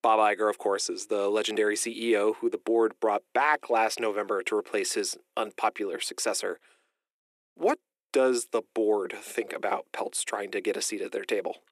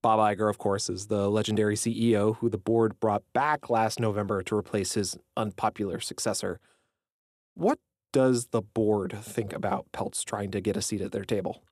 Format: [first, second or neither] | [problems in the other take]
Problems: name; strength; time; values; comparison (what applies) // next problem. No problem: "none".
second | thin; somewhat; fading below 350 Hz